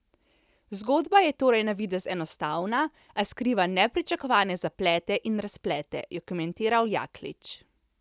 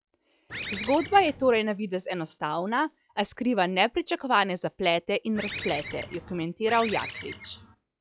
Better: first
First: none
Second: noise reduction (classical method log-MMSE)

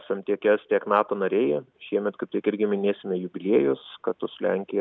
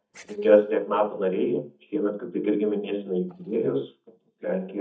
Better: first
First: none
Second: noise reduction (neural mask model DeepFilterNet 3)

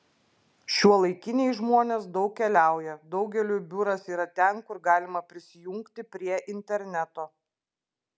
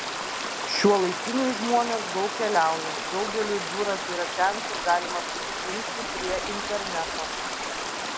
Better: first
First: none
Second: background sound (Stream); 3 dB below the speech

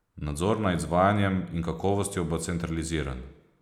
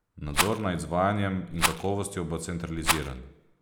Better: first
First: none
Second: background sound (Rattle); 1 dB below the speech

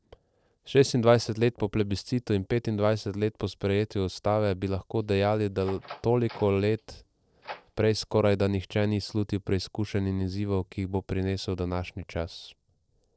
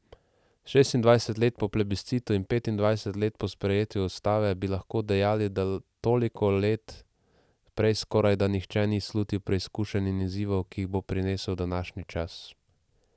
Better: second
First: noise reduction (neural separator model SepFormer DNS4)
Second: none

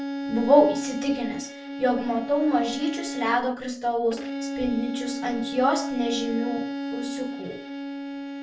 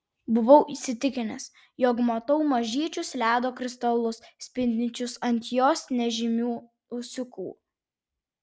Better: second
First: background sound (Bowed string instrument); 6 dB below the speech // room echo; dies away in 0.3 s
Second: none

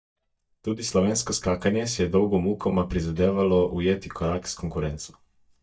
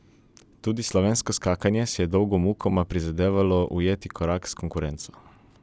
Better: second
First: noise reduction (neural mask model DeepFilterNet 3)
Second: none

